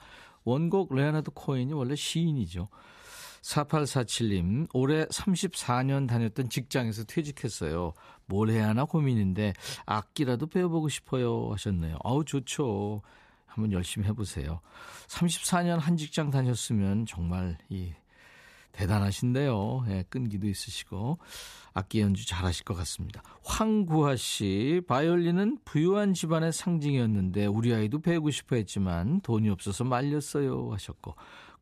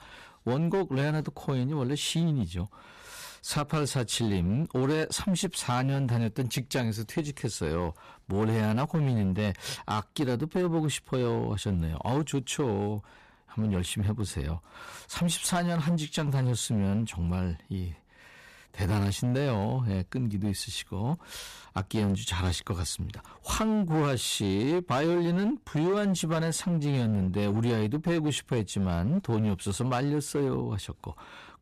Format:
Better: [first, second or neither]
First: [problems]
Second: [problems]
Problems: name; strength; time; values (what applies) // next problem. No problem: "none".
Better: first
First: none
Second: distortion; slight; 13% of the sound clipped